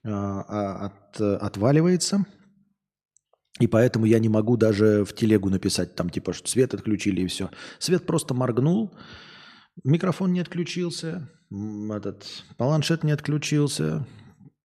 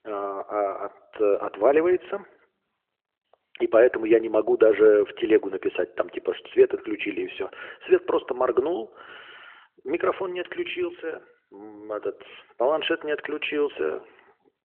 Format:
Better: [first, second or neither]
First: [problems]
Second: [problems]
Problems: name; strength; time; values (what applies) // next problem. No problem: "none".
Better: first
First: none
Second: phone-call audio; nothing above 3 kHz